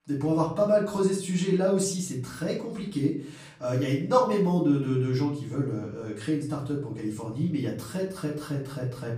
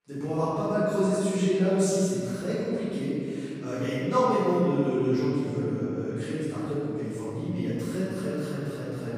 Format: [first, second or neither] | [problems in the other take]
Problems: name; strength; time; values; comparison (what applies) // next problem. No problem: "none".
first | room echo; strong; dies away in 2.9 s; slight in the first // off-mic speech; far; far in the first